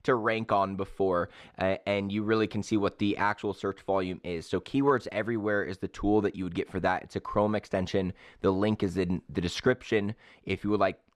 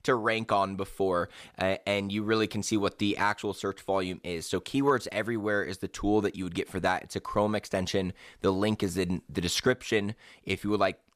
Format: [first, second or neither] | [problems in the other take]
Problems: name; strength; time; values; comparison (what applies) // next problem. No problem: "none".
second | muffled; very slightly; fading above 2 kHz